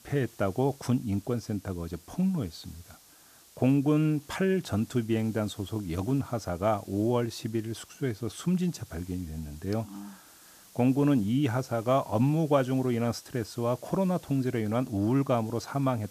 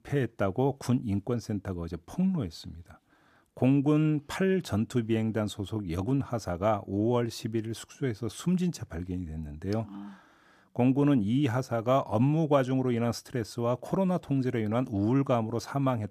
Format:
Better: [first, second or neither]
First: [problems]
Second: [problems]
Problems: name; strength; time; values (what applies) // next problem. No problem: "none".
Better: second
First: hiss; faint; throughout; 25 dB below the speech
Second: none